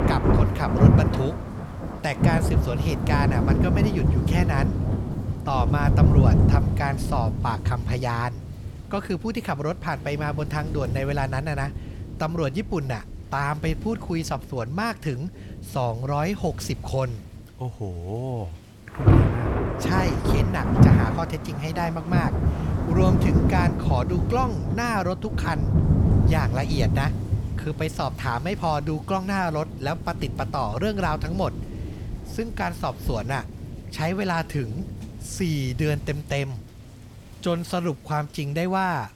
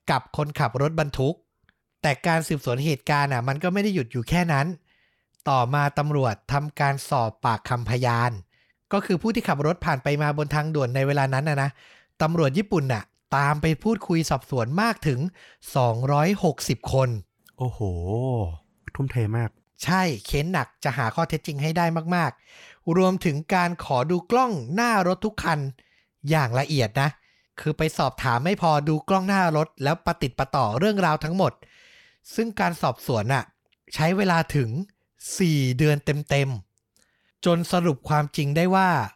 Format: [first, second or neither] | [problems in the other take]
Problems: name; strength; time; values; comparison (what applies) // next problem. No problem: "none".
second | rain or running water; very loud; throughout; 4 dB above the speech